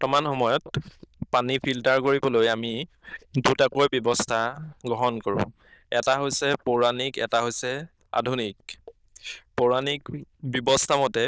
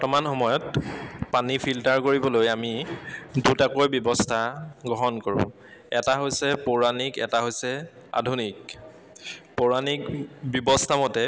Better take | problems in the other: second | noise reduction (neural diffusion model UNIVERSE++)

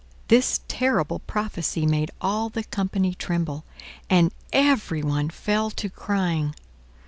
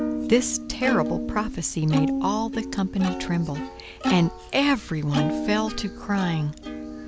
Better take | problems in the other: first | background sound (Plucked string instrument); 4 dB below the speech

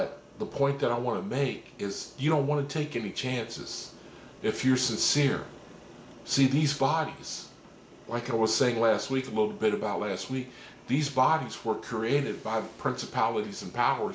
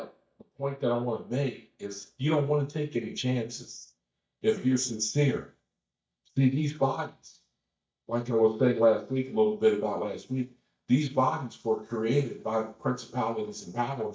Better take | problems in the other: first | noise reduction (neural mask model DeepFilterNet 3)

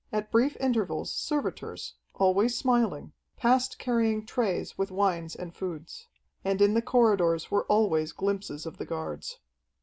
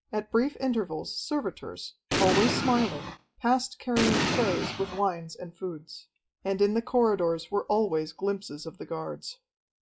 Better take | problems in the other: first | noise reduction (classical method log-MMSE)

